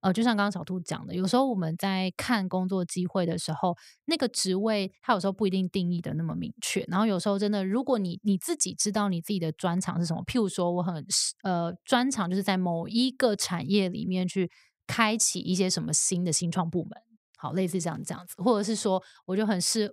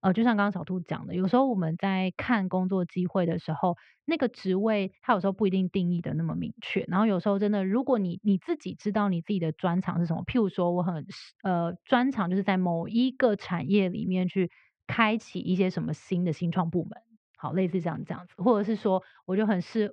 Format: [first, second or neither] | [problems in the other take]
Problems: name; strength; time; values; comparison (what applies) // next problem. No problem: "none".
first | muffled; very; fading above 2.5 kHz